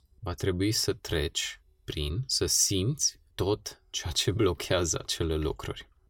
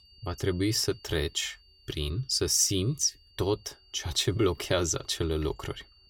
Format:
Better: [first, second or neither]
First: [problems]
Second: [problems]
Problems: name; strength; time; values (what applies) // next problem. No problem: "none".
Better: first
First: none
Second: high-pitched whine; faint; throughout; 4.5 kHz, 30 dB below the speech